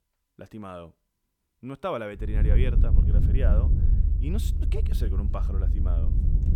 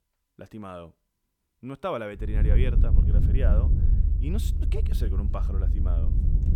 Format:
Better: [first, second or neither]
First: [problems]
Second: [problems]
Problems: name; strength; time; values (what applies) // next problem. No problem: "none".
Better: neither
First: low rumble; loud; from 2.5 s on; 5 dB below the speech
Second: low rumble; loud; from 2.5 s on; 5 dB below the speech